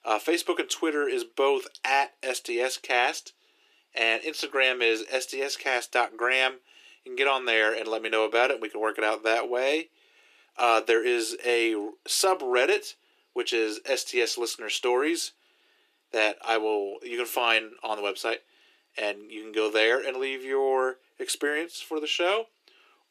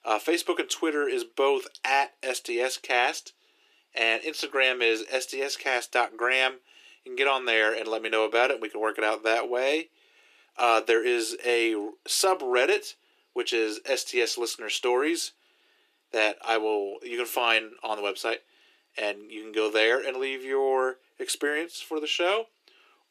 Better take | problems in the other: neither | thin; very; fading below 300 Hz; the same in both

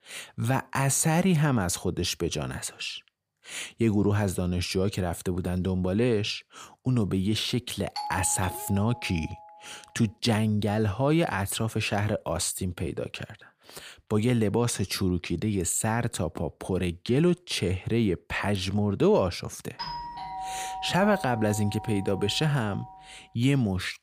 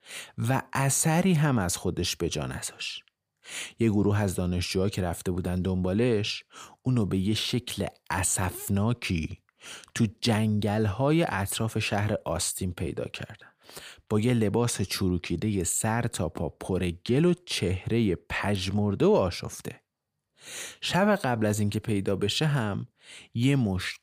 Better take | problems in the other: second | doorbell; noticeable; from 8 to 9.5 s and from 20 to 23 s; peak 7 dB below the speech

